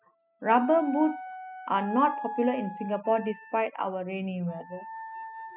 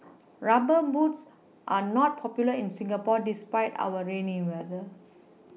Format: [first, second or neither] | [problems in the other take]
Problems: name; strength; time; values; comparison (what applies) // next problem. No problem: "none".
second | noise reduction (classical method spectral subtraction)